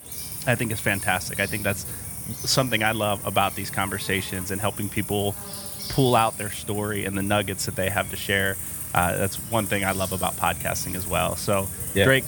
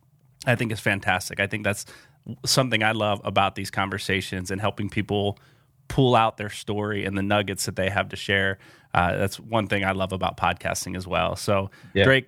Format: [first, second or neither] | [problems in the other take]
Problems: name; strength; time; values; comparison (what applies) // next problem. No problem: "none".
second | animal sounds; loud; throughout; 6 dB below the speech